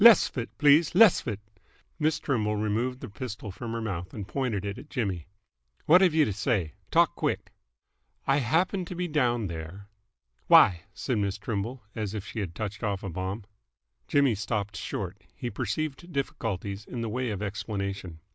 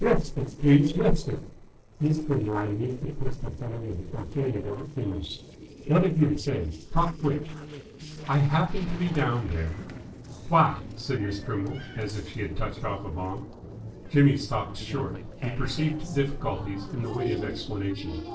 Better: first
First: none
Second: noise reduction (neural separator model SepFormer DNS4)

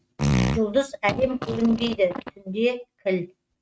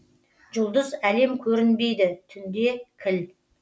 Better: second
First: noise reduction (neural mask model RNNoise)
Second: none

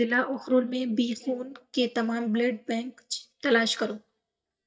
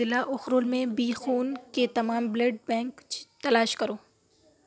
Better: second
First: noise reduction (neural mask model DeepFilterNet 3)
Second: none

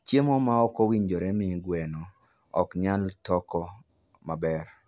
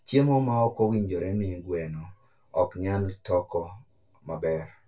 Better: first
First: none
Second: room echo; dies away in 0.2 s

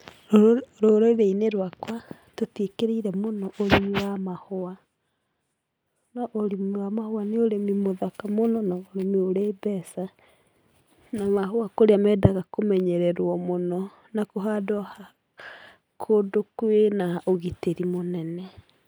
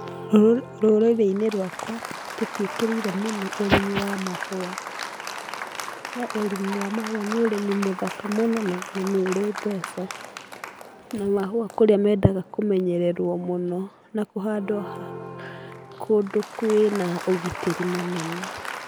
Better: first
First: none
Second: background sound (Applause); 11 dB below the speech

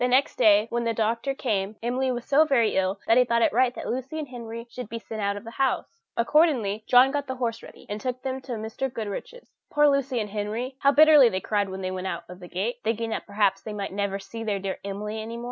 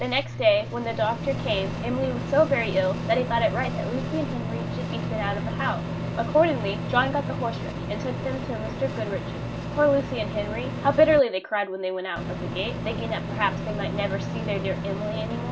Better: first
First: none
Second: background sound (Microwave oven); 4 dB below the speech // room echo; dies away in 0.2 s

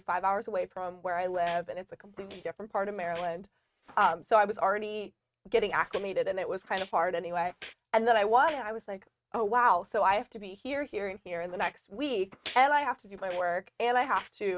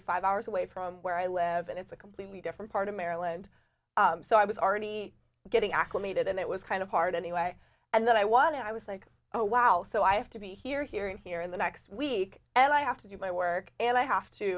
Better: second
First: noise reduction (neural mask model RNNoise)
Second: none

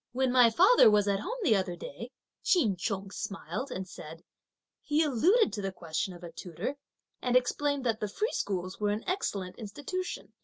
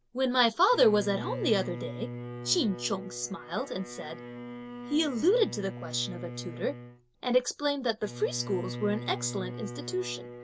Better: first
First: none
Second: background sound (Bowed string instrument); 10 dB below the speech

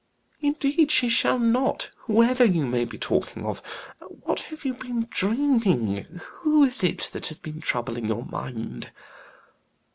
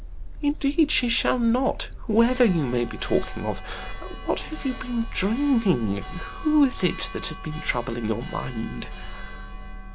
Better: first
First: none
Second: background sound (Church bell); 9 dB below the speech

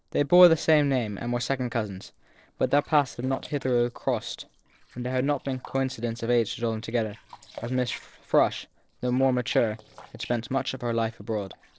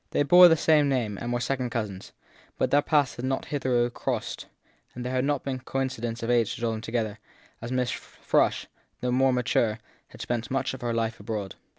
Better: second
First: noise reduction (neural separator model SepFormer DNS4)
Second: none

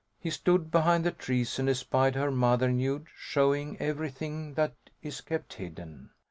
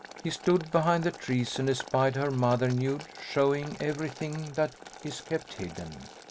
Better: first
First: none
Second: background sound (Boiling); 17 dB below the speech

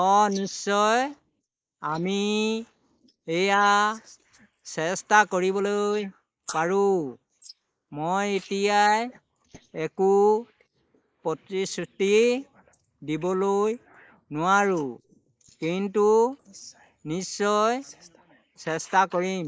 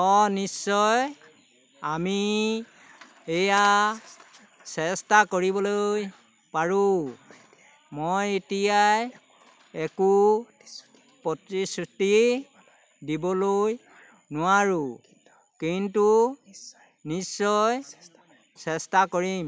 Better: second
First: noise reduction (neural mask model Resemble Enhance denoiser)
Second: none

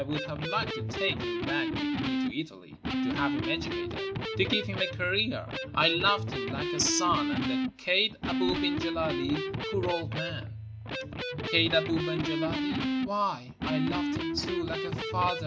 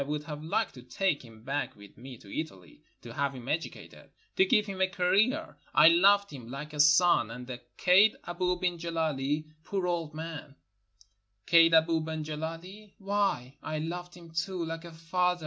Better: second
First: background sound (Electric guitar); as loud as the speech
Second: none

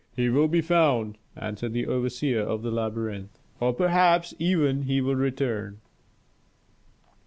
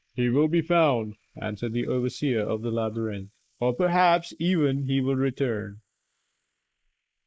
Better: first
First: none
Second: noise reduction (neural mask model Resemble Enhance denoiser)

